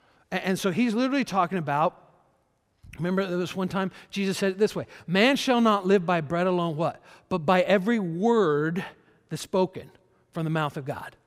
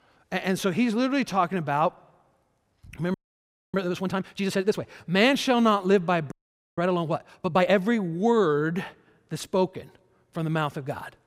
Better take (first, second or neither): first